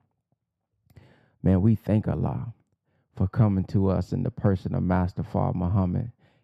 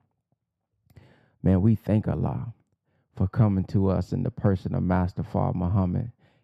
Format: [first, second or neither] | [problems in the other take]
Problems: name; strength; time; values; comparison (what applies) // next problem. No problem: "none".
neither | muffled; very; fading above 1.5 kHz; the same in both